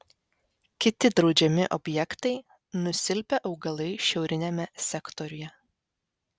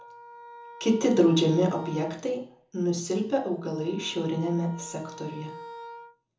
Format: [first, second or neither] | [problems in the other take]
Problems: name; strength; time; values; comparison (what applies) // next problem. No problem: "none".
first | background sound (Wind instrument, woodwind instrument); 17 dB below the speech // room echo; dies away in 0.6 s